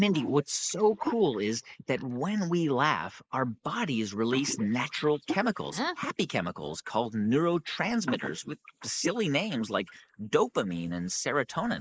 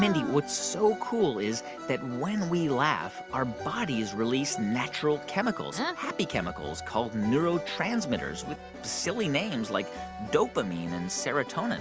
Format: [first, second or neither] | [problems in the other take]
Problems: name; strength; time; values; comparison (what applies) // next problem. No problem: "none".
second | noise reduction (neural mask model Resemble Enhance denoiser)